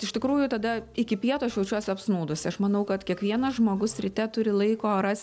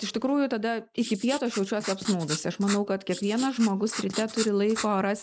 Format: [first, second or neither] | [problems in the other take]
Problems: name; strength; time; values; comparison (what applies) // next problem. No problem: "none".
first | noise reduction (neural mask model Resemble Enhance denoiser)